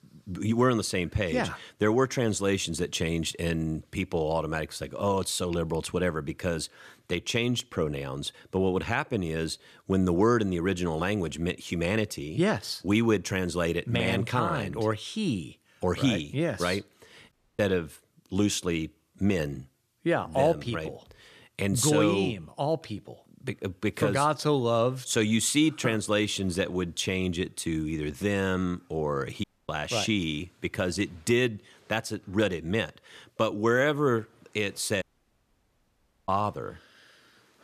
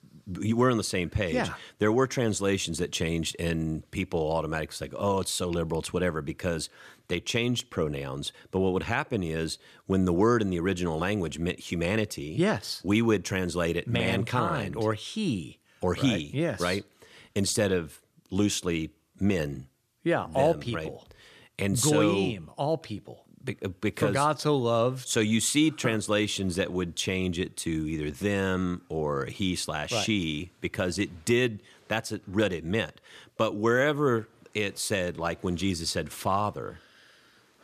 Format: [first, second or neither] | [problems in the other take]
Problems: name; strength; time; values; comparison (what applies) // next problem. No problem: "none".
second | audio cutting out; at 17 s, at 29 s and at 35 s for 1.5 s